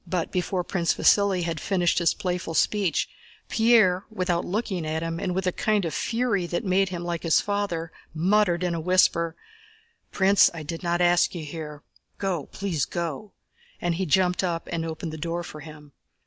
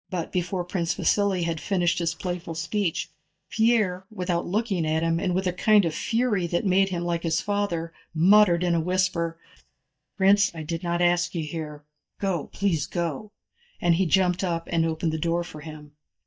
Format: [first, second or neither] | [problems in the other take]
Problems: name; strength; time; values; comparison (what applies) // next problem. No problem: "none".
first | noise reduction (neural mask model DeepFilterNet 3)